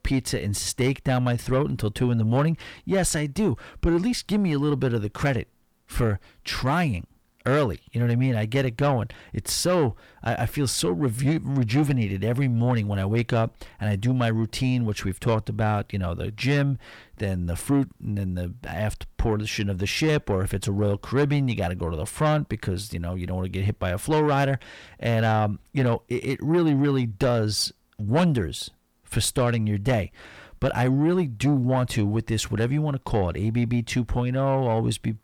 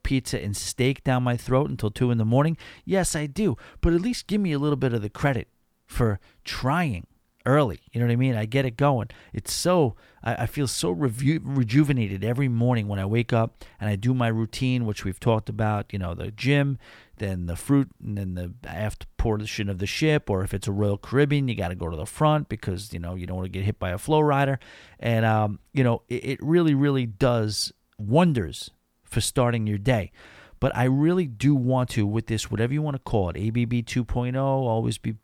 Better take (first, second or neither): second